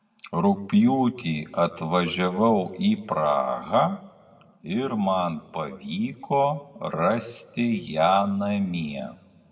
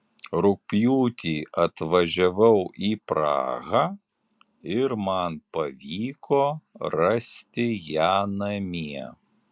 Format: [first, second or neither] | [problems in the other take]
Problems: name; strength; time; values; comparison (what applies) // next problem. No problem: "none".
second | room echo; dies away in 1 s